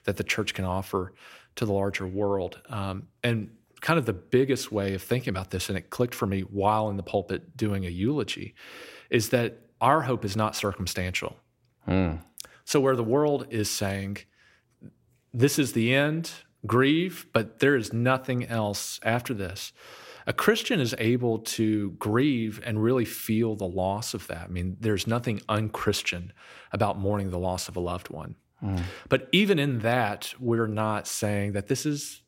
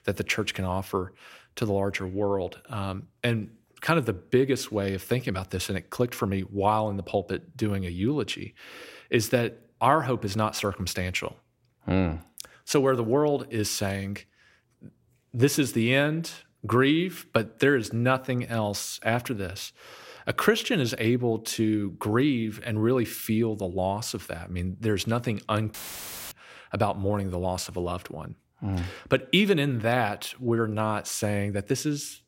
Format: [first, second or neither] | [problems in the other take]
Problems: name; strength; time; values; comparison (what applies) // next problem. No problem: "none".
first | audio cutting out; filled with static; at 26 s for 0.5 s